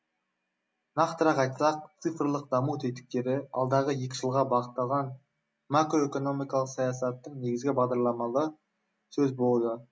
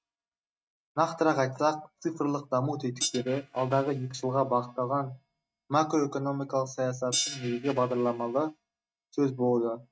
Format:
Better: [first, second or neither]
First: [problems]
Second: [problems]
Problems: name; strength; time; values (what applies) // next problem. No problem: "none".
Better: first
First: none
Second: noise reduction (neural mask model RNNoise)